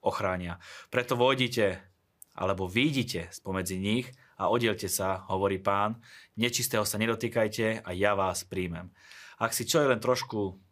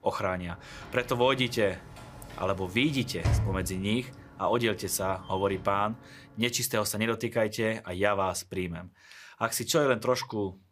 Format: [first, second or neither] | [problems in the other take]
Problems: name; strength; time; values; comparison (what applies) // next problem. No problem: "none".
first | door banging; loud; from 3 to 5.5 s; peak 1 dB above the speech